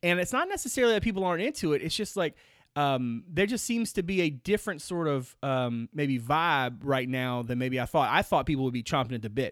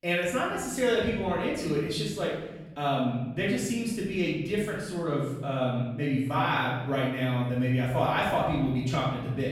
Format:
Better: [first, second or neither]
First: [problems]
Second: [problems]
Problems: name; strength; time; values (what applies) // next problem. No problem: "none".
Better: first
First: none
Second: off-mic speech; far // room echo; noticeable; dies away in 1.3 s